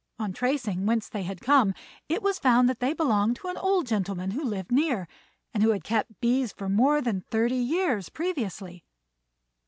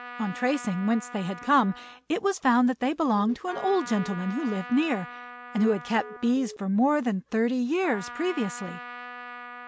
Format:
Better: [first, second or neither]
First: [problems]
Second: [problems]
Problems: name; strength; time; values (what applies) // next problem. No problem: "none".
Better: first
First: none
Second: background sound (Trumpet + Telephone); 15 dB below the speech